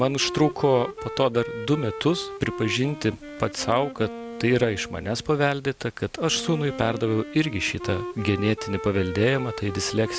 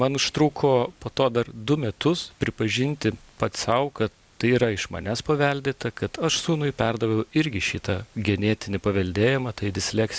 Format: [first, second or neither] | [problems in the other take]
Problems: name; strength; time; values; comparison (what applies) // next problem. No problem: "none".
second | background sound (Wind instrument, woodwind instrument); 11 dB below the speech